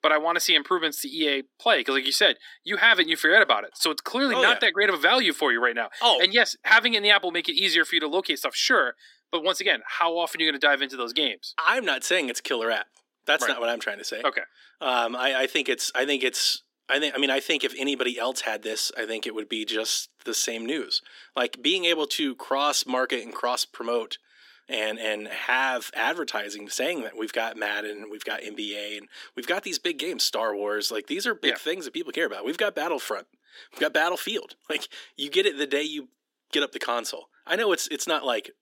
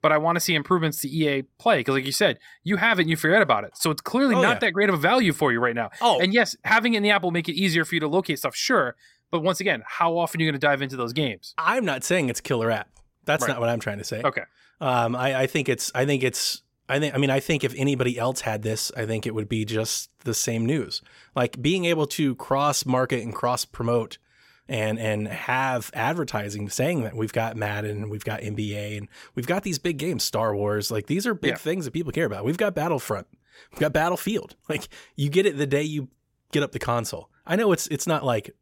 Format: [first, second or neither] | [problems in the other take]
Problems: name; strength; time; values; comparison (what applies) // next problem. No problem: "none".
second | thin; somewhat; fading below 250 Hz